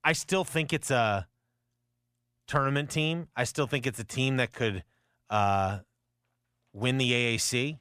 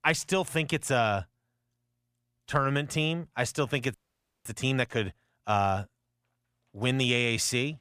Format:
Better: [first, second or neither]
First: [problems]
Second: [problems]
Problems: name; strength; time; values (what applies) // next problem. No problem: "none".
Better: first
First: none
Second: audio freezing; at 4 s for 0.5 s